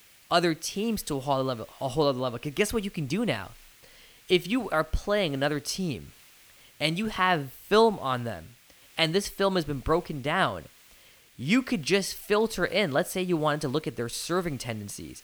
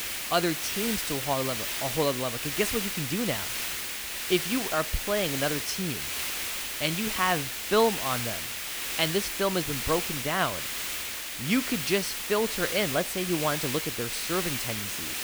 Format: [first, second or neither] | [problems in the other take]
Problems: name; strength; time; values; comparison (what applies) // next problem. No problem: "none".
first | hiss; loud; throughout; 1 dB below the speech; faint in the first